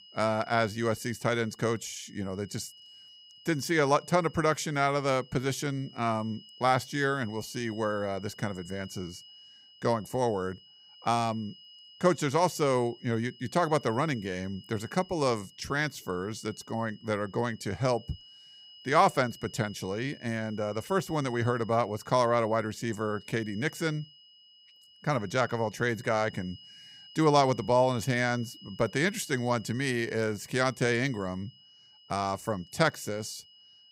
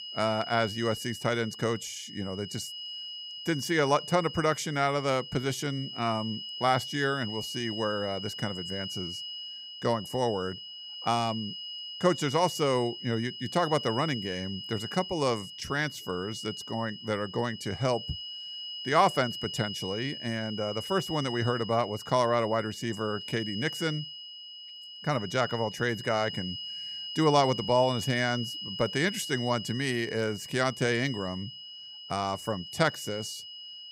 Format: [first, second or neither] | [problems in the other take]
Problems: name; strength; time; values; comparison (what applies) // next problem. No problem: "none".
first | high-pitched whine; loud; throughout; 3 kHz, 8 dB below the speech; faint in the first